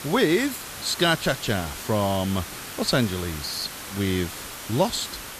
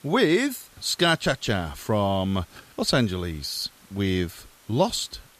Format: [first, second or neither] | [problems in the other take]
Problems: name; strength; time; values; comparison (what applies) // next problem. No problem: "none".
second | hiss; loud; throughout; 9 dB below the speech; faint in the second